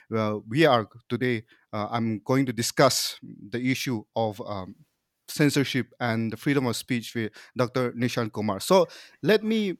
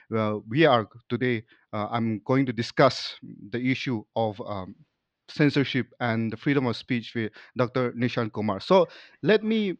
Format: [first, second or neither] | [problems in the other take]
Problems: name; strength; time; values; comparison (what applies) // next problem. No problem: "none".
first | muffled; very slightly; fading above 4 kHz